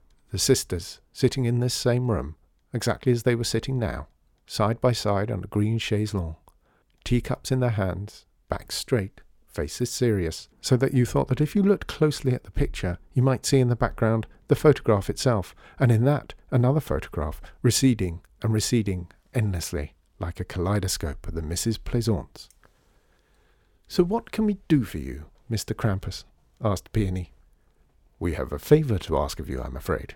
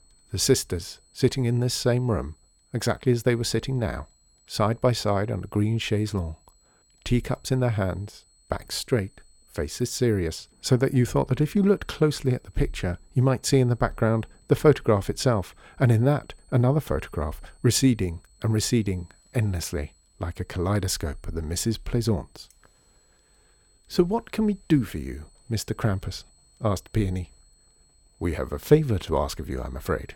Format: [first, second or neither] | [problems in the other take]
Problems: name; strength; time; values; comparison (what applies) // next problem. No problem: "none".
first | high-pitched whine; faint; throughout; 8 kHz, 35 dB below the speech